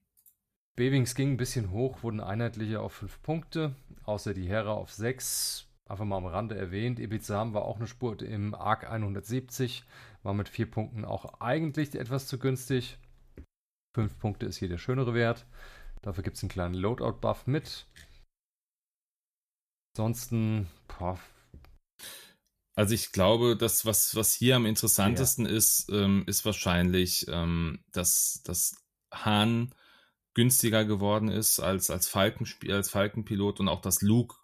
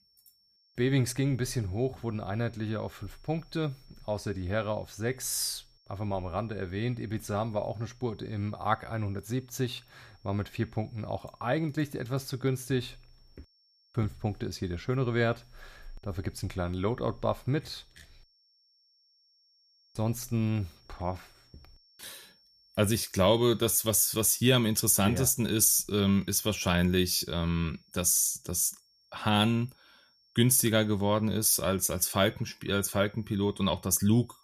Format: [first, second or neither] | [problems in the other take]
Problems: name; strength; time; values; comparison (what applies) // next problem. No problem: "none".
first | high-pitched whine; faint; throughout; 5.5 kHz, 35 dB below the speech